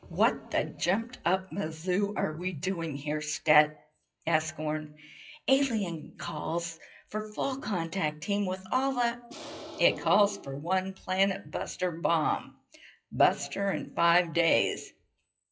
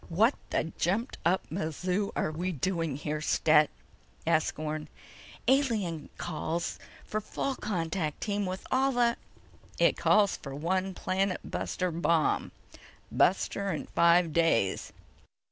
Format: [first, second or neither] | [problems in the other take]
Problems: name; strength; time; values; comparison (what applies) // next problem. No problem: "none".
second | noise reduction (classical method WPE with log-MMSE)